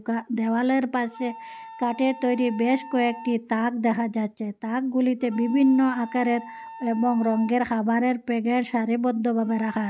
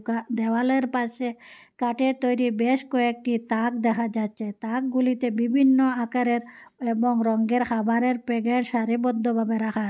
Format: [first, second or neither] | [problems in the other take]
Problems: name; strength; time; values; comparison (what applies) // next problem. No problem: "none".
second | background sound (Wind instrument, woodwind instrument); 19 dB below the speech